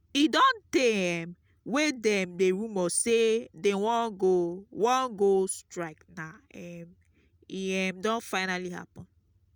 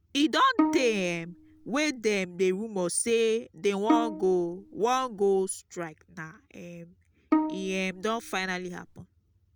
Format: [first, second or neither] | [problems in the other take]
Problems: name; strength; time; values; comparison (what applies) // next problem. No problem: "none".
first | background sound (Bowed string instrument); 3 dB below the speech